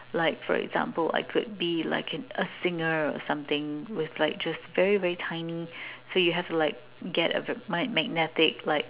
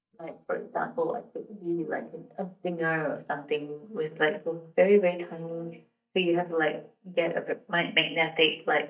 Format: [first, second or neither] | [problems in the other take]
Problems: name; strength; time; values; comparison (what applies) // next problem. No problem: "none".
first | noise reduction (neural mask model DeepFilterNet 3)